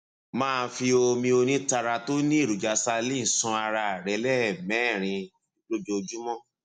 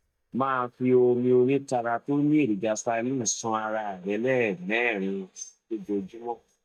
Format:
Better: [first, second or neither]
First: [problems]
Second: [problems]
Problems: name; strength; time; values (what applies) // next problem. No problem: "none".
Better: first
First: none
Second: noise reduction (neural mask model DeepFilterNet 3)